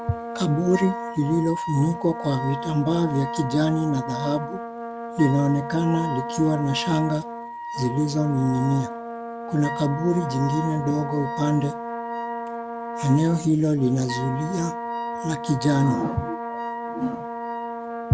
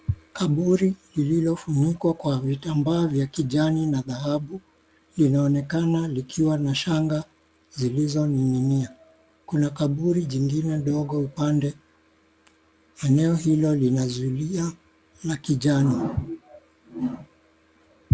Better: second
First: background sound (Brass instrument + Wind instrument, woodwind instrument); 7 dB below the speech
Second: none

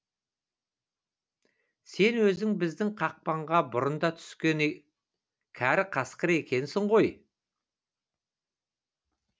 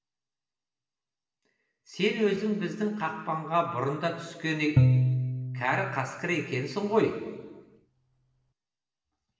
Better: first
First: none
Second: background sound (Bowed string instrument); 2 dB above the speech // room echo; dies away in 1.4 s

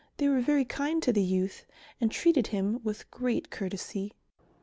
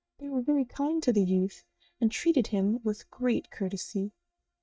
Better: first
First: none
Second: noise reduction (neural mask model DeepFilterNet 3)

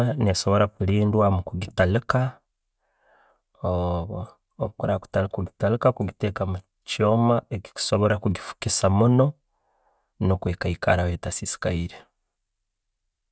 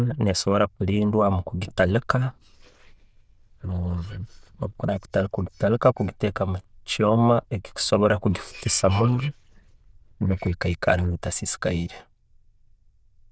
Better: first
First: none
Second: noise reduction (neural diffusion model UNIVERSE++)

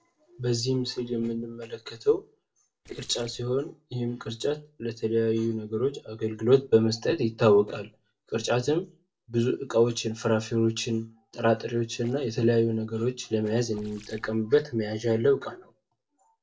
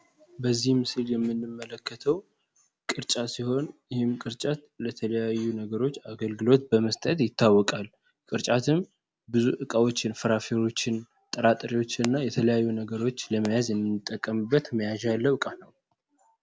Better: second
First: noise reduction (neural separator model SepFormer DNS4)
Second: none

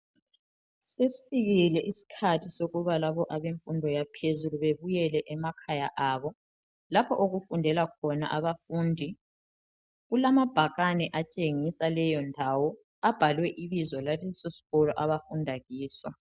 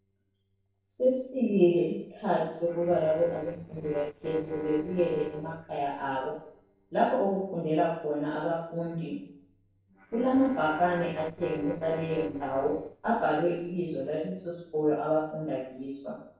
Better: first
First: none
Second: noise reduction (neural separator model SepFormer DNS4)

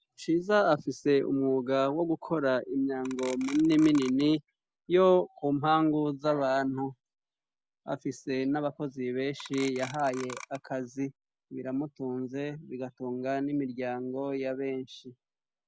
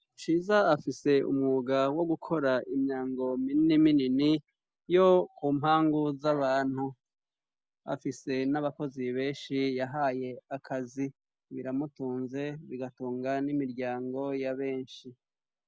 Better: second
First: background sound (Clock); 15 dB below the speech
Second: none

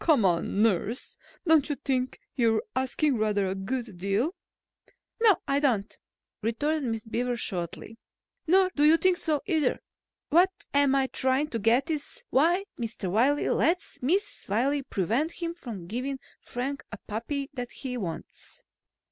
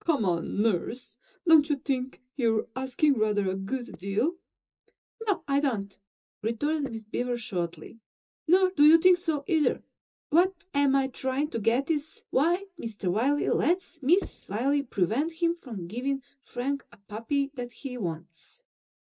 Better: first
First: none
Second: noise reduction (neural mask model DeepFilterNet 3)

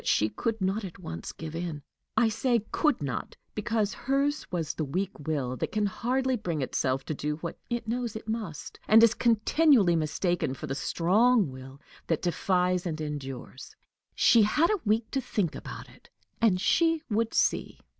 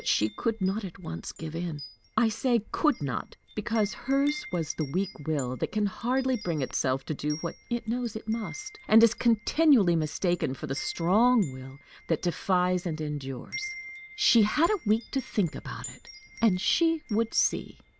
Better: first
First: none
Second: background sound (Wind chime); 19 dB below the speech

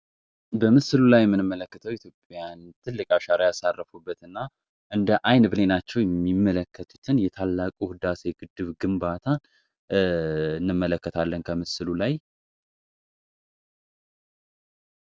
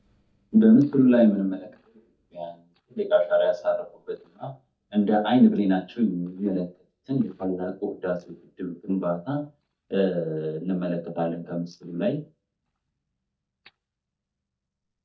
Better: first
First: none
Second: noise reduction (neural mask model DeepFilterNet 3)

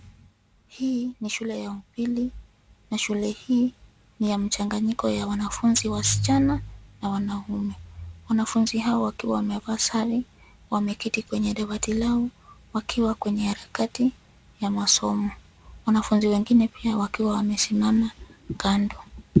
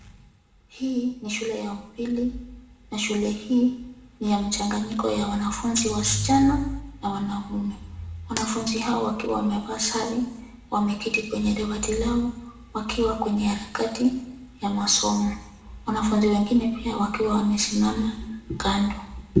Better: first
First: none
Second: background sound (Shatter); 14 dB below the speech // room echo; dies away in 0.8 s

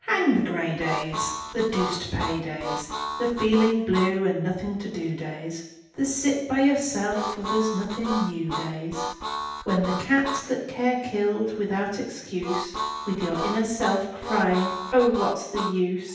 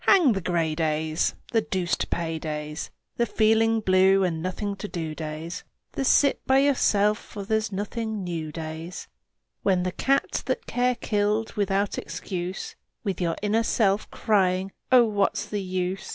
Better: second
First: background sound (Harmonica); 6 dB below the speech // room echo; dies away in 0.9 s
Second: none

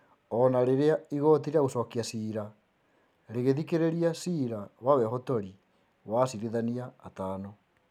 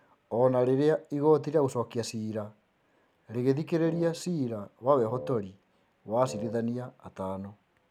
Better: first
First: none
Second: background sound (Wind instrument, woodwind instrument); 14 dB below the speech

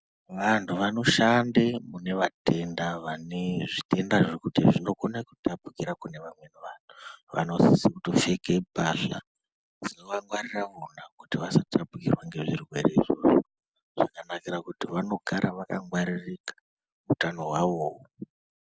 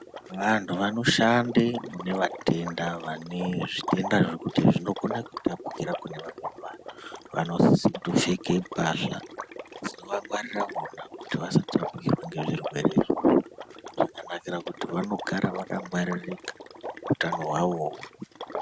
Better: first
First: none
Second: background sound (Water / Liquid); 11 dB below the speech

